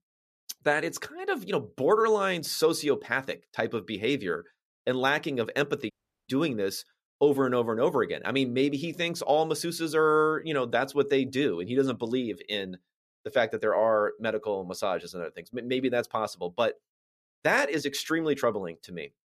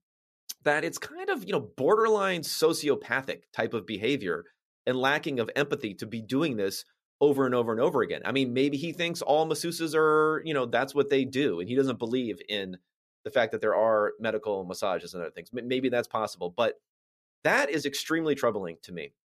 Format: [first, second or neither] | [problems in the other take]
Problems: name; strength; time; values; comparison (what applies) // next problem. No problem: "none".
second | audio cutting out; at 6 s